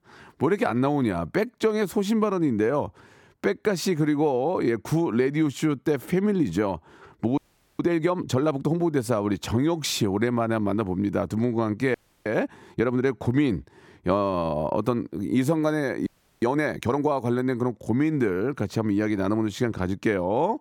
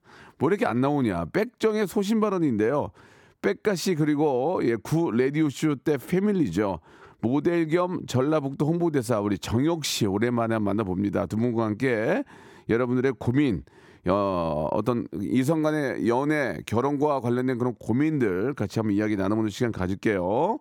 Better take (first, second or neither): second